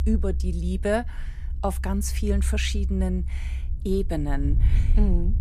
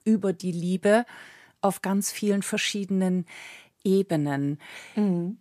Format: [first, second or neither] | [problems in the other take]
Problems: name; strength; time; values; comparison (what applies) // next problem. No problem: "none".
second | low rumble; noticeable; throughout; 15 dB below the speech